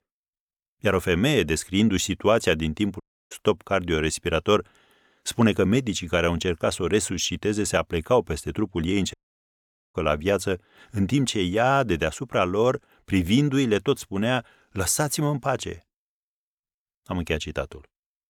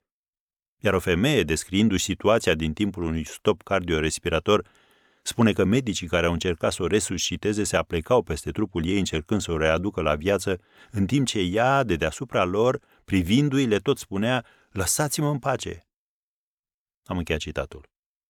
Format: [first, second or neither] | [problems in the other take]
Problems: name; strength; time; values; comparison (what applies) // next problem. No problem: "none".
second | audio cutting out; at 3 s and at 9 s for 1 s